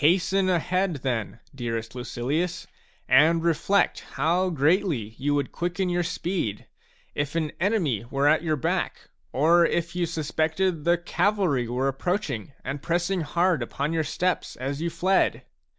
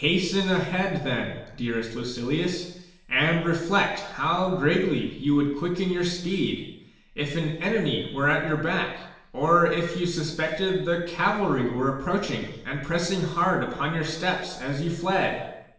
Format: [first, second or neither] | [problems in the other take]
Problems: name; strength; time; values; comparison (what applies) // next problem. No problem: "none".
first | room echo; dies away in 0.9 s